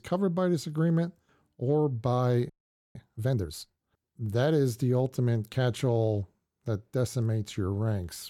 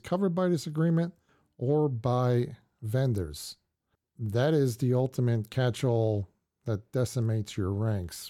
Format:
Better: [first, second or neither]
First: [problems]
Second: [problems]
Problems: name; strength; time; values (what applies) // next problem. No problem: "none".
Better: second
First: audio freezing; at 2.5 s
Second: none